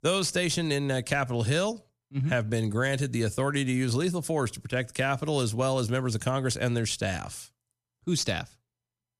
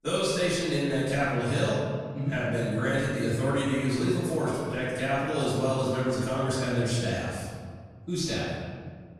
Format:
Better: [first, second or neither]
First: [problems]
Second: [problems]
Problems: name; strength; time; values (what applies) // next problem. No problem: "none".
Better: first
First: none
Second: off-mic speech; far // room echo; strong; dies away in 1.6 s